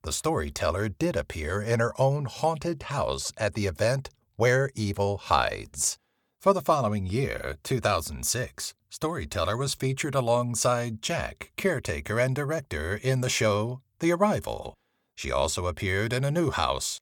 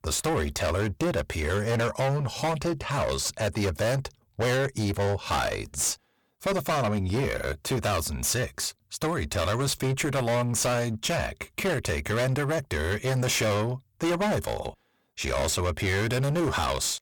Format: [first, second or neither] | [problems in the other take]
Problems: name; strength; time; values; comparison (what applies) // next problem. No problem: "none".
first | distortion; heavy; 25% of the sound clipped